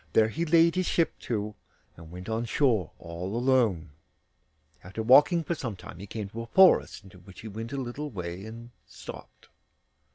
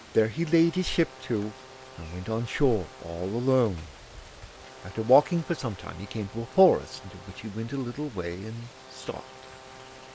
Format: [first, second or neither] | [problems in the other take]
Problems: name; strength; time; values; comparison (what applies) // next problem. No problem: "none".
first | background sound (Brass instrument + Rain); 18 dB below the speech